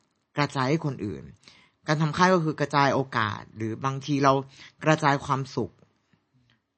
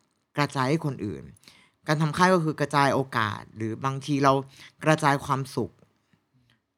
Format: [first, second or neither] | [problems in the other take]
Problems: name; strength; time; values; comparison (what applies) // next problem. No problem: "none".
second | garbled, watery; slightly; nothing above 8 kHz